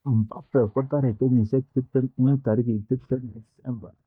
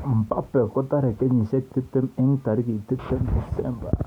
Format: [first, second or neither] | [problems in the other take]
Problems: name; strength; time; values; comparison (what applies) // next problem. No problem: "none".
second | noise reduction (neural mask model DeepFilterNet 3)